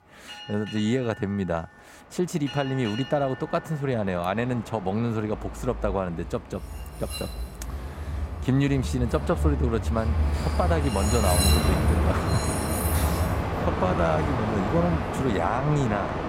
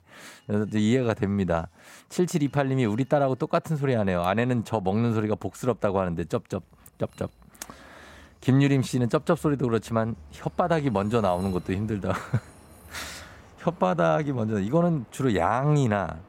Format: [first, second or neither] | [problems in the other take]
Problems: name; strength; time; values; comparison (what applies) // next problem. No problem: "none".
second | train or aircraft noise; loud; throughout; as loud as the speech; faint in the second